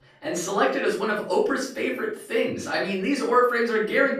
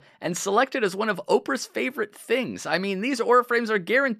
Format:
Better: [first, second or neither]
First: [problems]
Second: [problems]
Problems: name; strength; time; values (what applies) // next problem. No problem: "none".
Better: second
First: off-mic speech; far // room echo; slight; dies away in 0.4 s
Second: none